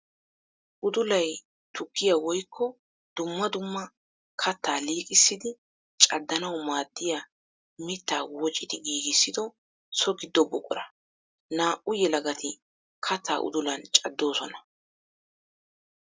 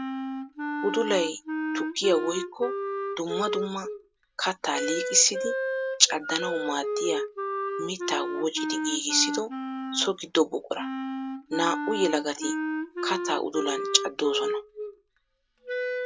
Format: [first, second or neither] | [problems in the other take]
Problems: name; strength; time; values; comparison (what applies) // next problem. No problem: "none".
first | background sound (Wind instrument, woodwind instrument); 3 dB below the speech